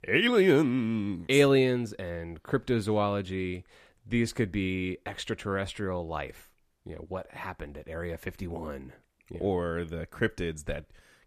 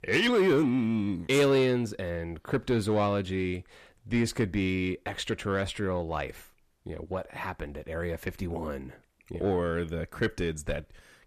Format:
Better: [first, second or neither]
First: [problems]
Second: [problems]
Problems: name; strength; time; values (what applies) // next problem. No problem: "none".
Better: first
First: none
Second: distortion; slight; 10 dB below the speech